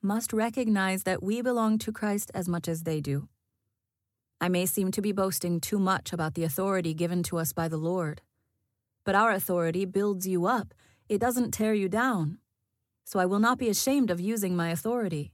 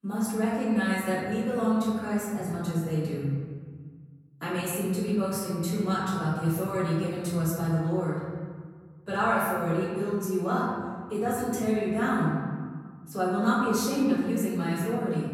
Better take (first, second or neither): first